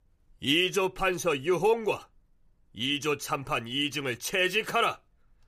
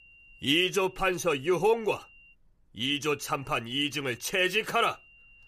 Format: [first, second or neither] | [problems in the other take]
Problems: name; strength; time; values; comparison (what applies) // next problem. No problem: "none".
first | high-pitched whine; faint; until 2.5 s and from 3 s on; 3 kHz, 25 dB below the speech